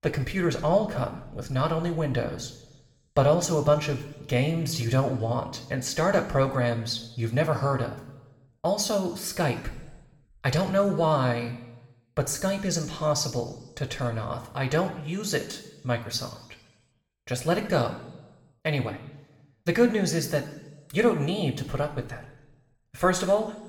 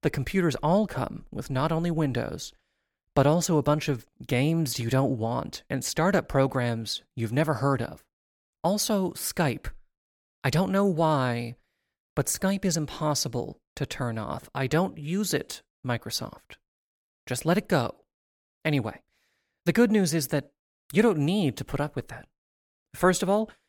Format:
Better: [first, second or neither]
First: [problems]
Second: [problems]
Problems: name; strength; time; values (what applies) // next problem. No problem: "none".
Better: second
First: room echo; slight; dies away in 0.9 s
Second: none